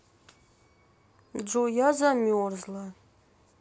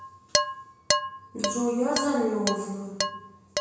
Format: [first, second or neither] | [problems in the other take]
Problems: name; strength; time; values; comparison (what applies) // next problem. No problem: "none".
first | background sound (Dishes, pots, and pans); as loud as the speech // room echo; dies away in 1 s